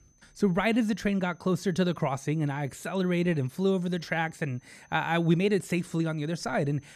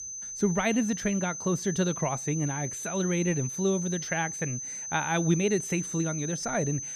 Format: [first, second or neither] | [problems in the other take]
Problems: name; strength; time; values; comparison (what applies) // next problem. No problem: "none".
first | high-pitched whine; loud; throughout; 6 kHz, 5 dB below the speech; faint in the first